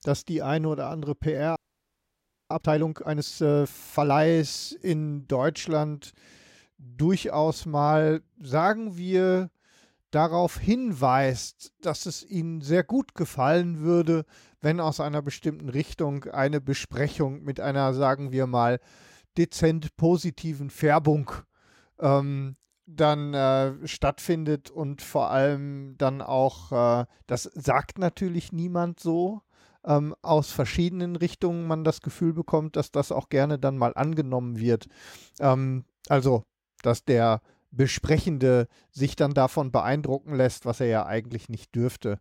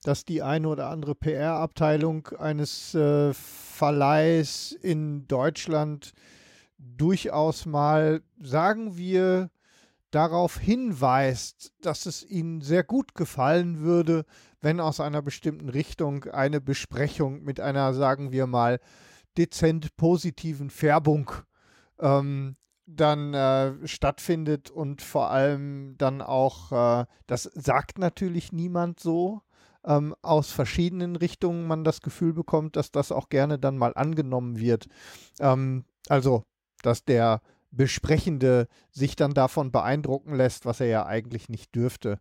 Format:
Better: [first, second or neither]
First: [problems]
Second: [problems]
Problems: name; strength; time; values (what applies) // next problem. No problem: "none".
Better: second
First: audio freezing; at 1.5 s for 1 s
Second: none